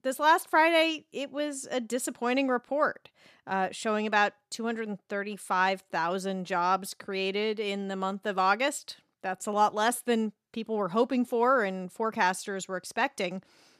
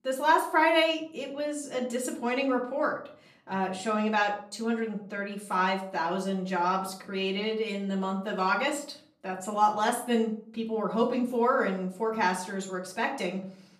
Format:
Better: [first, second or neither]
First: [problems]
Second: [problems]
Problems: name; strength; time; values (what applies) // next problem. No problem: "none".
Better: first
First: none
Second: off-mic speech; far // room echo; slight; dies away in 0.5 s